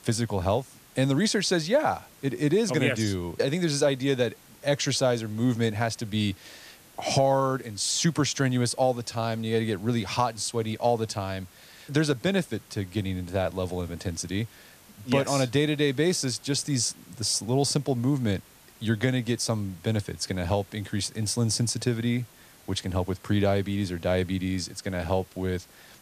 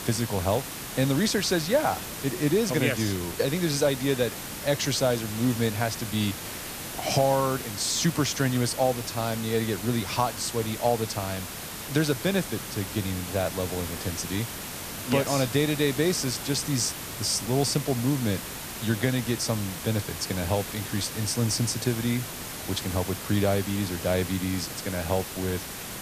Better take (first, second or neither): first